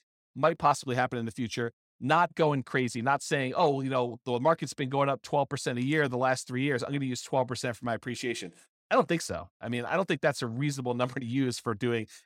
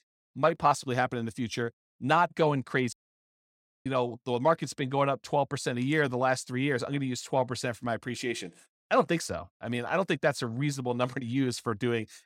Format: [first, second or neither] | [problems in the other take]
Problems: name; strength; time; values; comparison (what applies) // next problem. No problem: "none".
first | audio cutting out; at 3 s for 1 s